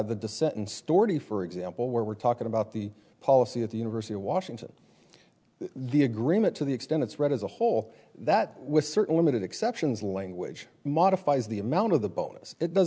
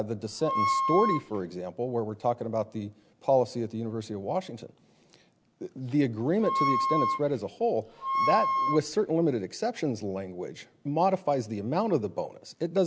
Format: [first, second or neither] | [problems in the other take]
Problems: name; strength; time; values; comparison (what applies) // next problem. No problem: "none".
first | background sound (Wind instrument, woodwind instrument); as loud as the speech